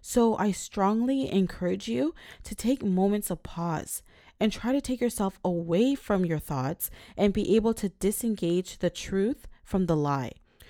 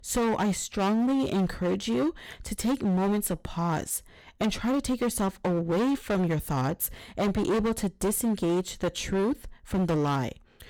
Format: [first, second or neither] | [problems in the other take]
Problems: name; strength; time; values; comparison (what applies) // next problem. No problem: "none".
first | distortion; heavy; 19% of the sound clipped